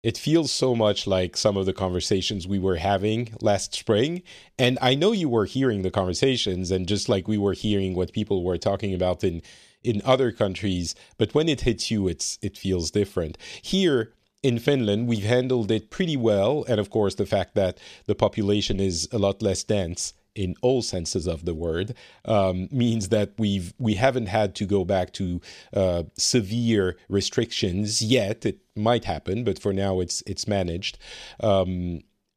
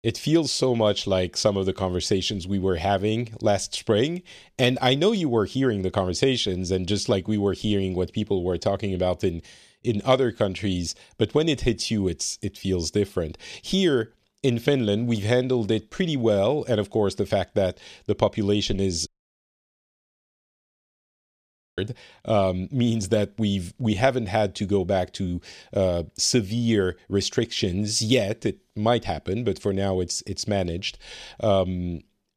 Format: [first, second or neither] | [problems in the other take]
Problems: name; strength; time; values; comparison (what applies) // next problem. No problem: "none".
first | audio cutting out; at 19 s for 2.5 s